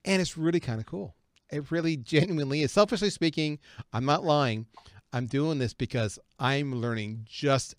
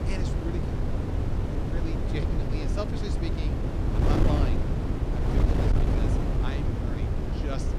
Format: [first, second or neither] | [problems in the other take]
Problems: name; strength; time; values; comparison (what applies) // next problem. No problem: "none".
first | wind noise on the microphone; heavy; 5 dB above the speech